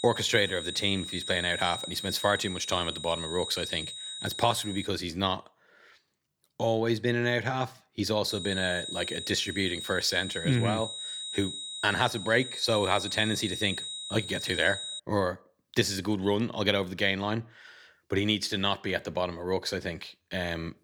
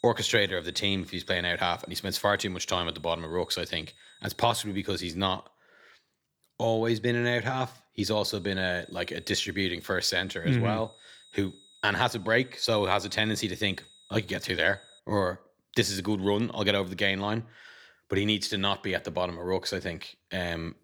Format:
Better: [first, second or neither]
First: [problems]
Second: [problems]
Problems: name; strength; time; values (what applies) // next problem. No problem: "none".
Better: second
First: high-pitched whine; loud; until 5 s and from 8.5 to 15 s; 4 kHz, 7 dB below the speech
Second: high-pitched whine; faint; until 5 s and from 8.5 to 15 s; 4 kHz, 25 dB below the speech